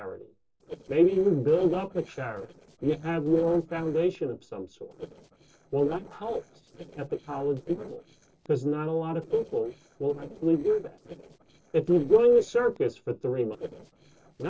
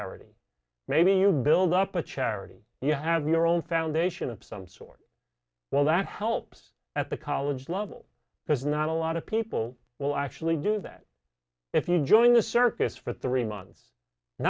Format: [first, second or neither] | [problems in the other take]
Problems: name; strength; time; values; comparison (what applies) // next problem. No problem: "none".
second | noise reduction (neural separator model SepFormer DNS4)